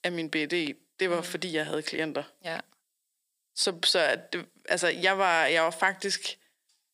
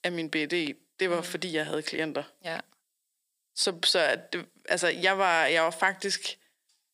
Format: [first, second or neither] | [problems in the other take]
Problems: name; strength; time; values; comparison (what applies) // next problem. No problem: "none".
neither | thin; somewhat; fading below 450 Hz; the same in both